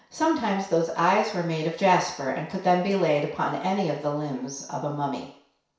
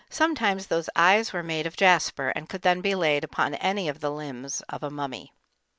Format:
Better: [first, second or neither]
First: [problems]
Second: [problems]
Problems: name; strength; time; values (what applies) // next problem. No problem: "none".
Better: second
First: room echo; dies away in 0.6 s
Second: none